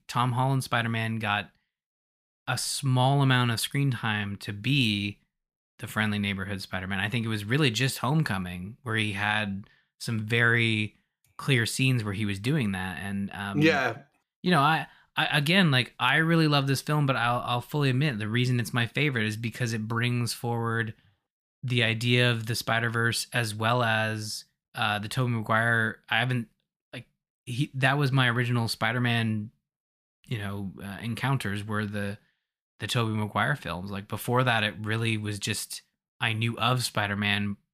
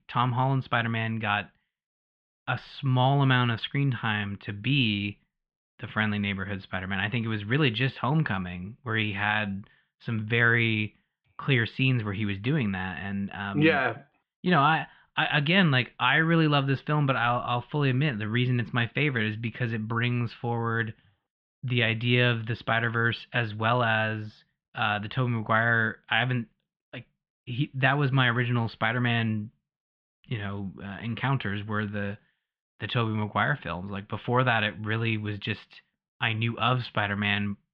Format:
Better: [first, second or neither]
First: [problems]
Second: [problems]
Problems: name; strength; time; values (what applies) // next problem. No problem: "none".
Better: first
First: none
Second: muffled; very; fading above 3.5 kHz